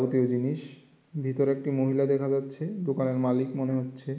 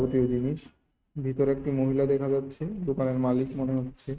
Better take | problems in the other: first | noise reduction (neural mask model RNNoise)

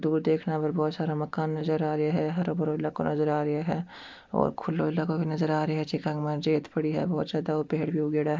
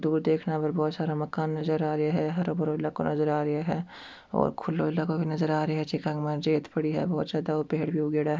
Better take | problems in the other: second | noise reduction (neural mask model Resemble Enhance denoiser)

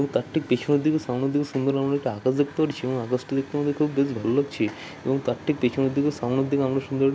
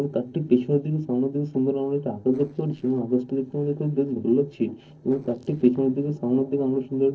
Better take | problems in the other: first | noise reduction (neural separator model SepFormer DNS4)

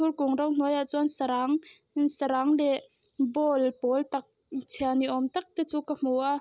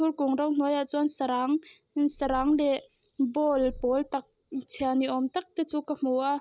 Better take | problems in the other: first | background sound (Purr); 19 dB below the speech

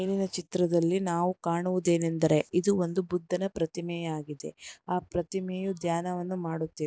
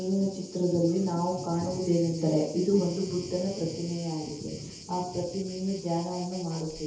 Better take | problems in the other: first | background sound (Thunder); 13 dB below the speech // room echo; dies away in 0.8 s

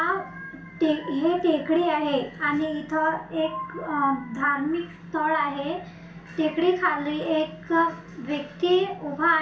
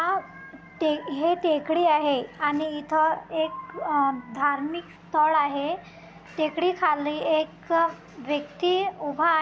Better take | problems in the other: second | room echo; dies away in 0.4 s

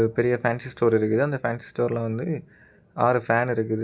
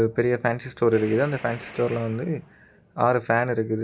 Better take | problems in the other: first | background sound (Gunshot, gunfire); 19 dB below the speech

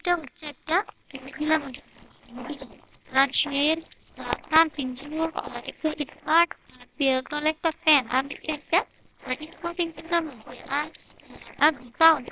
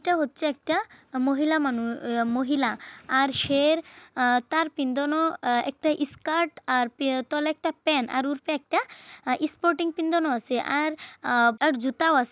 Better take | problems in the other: second | noise reduction (neural separator model SepFormer WHAMR!)

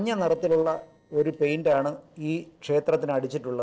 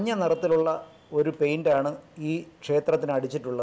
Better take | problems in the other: second | noise reduction (neural separator model SepFormer DNS4)

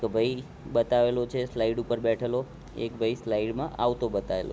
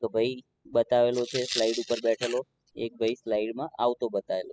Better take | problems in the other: first | noise reduction (classical method spectral subtraction)

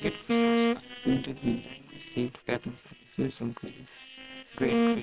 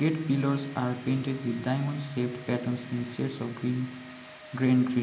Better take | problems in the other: second | noise reduction (neural separator model SepFormer WHAM!)

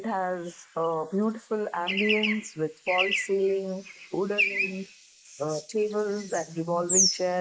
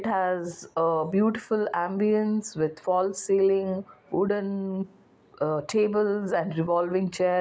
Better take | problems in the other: second | noise reduction (neural mask model Resemble Enhance denoiser)

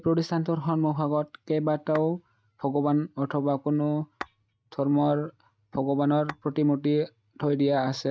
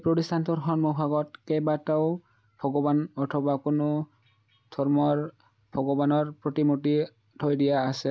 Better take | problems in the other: second | noise reduction (neural mask model RNNoise)

